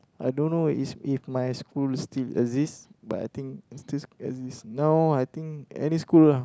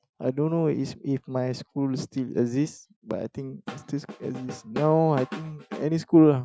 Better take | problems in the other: first | noise reduction (classical method Wiener filter)

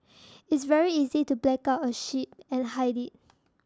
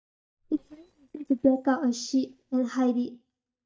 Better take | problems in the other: first | noise reduction (neural mask model DeepFilterNet 3)

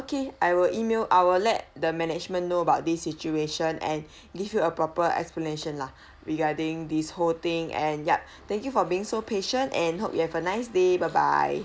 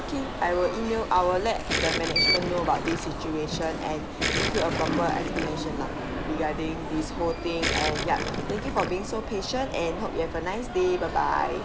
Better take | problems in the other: first | background sound (Gurgling + Alarm); 1 dB below the speech

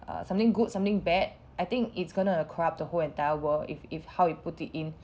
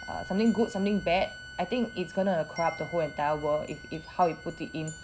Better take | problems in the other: first | background sound (Bowed string instrument + Wind chime); 16 dB below the speech

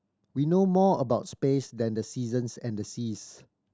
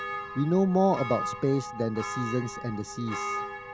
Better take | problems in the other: first | background sound (Church bell); 8 dB below the speech

